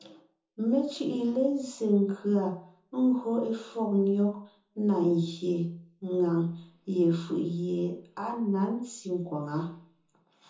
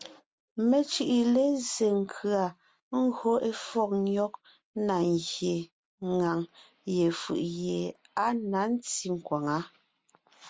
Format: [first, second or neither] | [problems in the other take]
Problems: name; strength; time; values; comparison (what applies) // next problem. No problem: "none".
second | room echo; dies away in 0.6 s